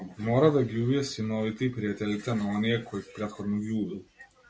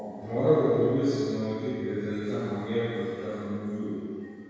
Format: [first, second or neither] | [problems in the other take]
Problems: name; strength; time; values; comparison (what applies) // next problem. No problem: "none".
first | room echo; dies away in 2.2 s